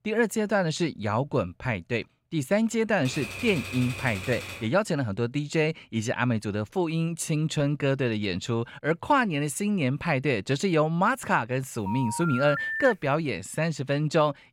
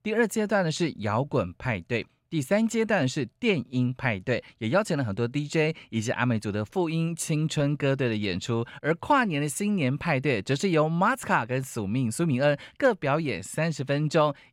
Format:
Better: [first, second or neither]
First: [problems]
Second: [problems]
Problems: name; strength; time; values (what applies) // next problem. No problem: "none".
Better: second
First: keyboard typing; noticeable; from 3 to 4.5 s; peak 8 dB below the speech // phone ringing; noticeable; from 12 to 13 s; peak 2 dB below the speech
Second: none